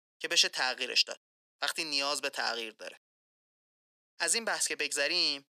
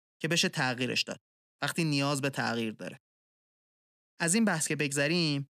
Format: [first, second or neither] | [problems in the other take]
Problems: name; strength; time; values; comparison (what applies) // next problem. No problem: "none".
second | thin; very; fading below 450 Hz